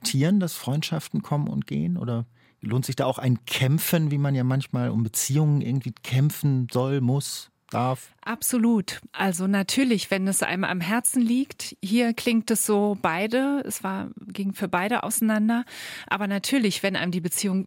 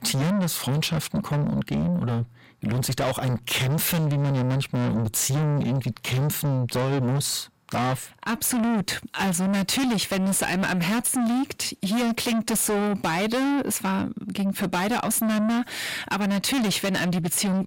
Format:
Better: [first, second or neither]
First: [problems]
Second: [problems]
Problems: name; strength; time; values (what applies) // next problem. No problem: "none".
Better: first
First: none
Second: distortion; heavy; 6 dB below the speech